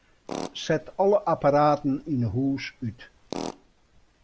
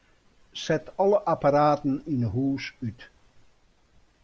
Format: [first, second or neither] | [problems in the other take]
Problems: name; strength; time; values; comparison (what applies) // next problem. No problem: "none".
second | background sound (Tools); 15 dB below the speech